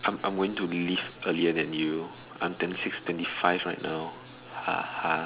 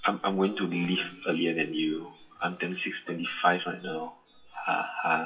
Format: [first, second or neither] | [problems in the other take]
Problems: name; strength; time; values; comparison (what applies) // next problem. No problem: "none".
first | noise reduction (classical method WPE with log-MMSE)